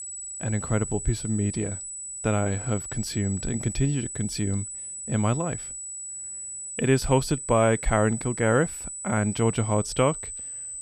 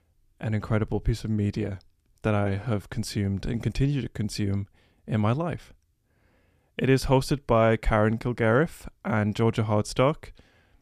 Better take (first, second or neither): second